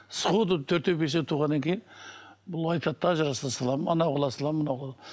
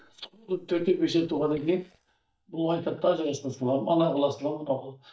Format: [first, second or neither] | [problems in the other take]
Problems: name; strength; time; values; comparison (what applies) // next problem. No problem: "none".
first | noise reduction (neural mask model DeepFilterNet 3)